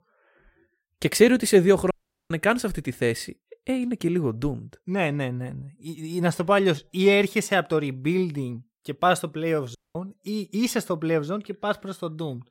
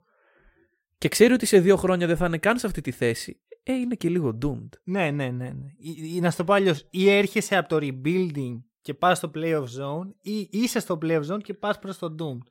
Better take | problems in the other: second | audio cutting out; at 2 s and at 10 s

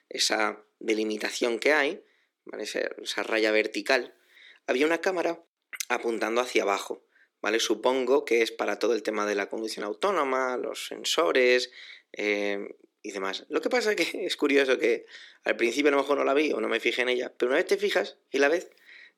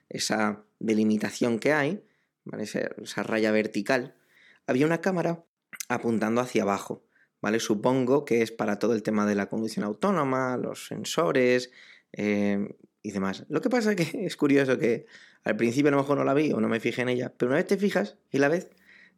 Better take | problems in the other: second | thin; somewhat; fading below 350 Hz

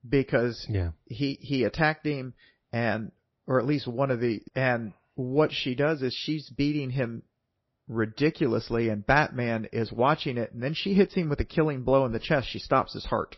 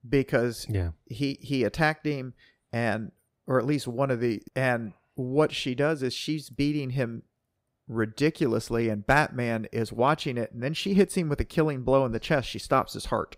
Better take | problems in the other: second | garbled, watery; slightly; nothing above 5.5 kHz

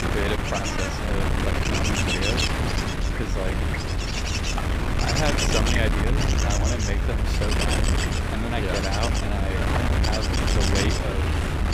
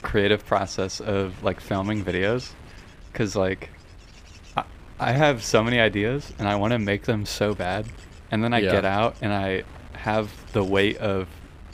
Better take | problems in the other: second | wind noise on the microphone; heavy; 5 dB above the speech; occasional gusts in the second

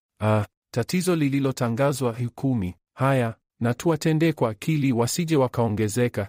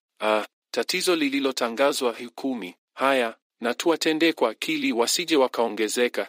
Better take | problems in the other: first | thin; somewhat; fading below 300 Hz

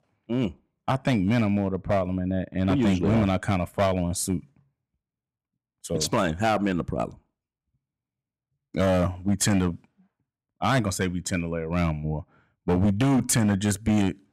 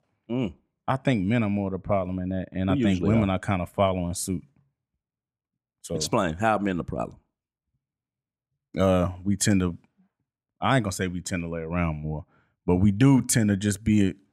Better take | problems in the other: second | distortion; slight; 7% of the sound clipped

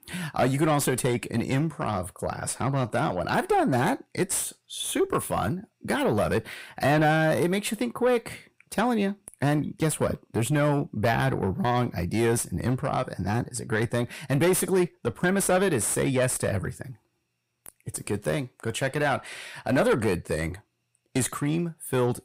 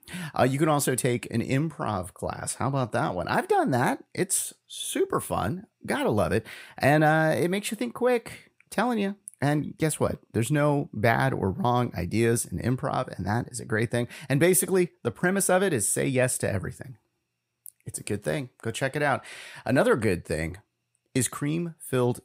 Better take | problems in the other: second | distortion; slight; 10 dB below the speech

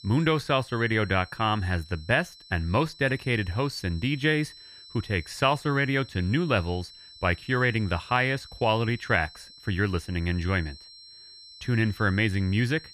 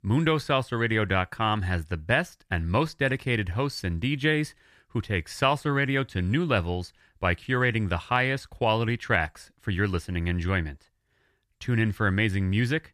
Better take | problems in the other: second | high-pitched whine; noticeable; throughout; 4 kHz, 20 dB below the speech

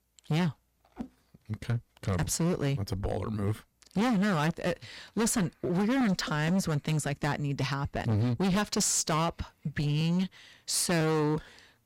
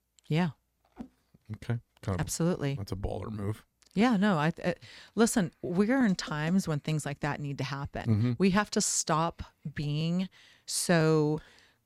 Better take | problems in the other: second | distortion; heavy; 17% of the sound clipped

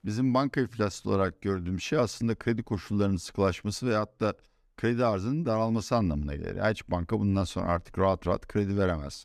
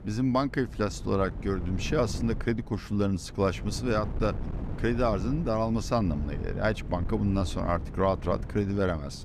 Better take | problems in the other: first | wind noise on the microphone; occasional gusts; 15 dB below the speech

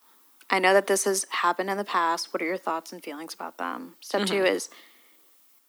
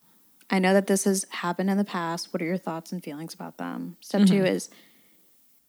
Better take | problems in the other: second | thin; very; fading below 300 Hz

